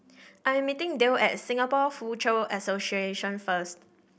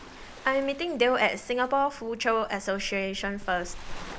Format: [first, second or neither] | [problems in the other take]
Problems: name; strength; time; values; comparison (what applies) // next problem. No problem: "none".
first | background sound (Waves, surf); 14 dB below the speech